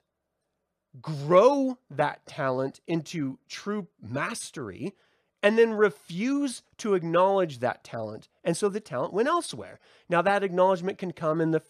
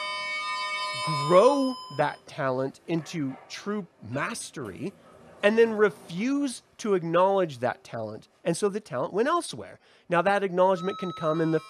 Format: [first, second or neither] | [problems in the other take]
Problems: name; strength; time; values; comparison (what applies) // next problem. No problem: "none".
first | household noises; loud; throughout; 6 dB below the speech